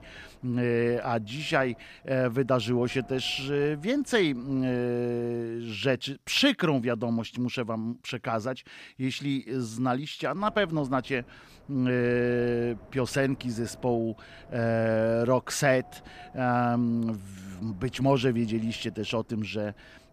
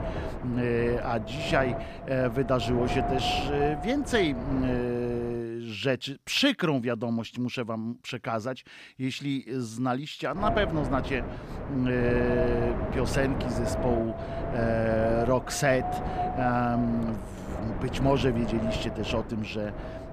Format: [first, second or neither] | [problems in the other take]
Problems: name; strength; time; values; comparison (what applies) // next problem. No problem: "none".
first | wind noise on the microphone; heavy; until 5.5 s and from 10 s on; 4 dB below the speech; occasional gusts in the first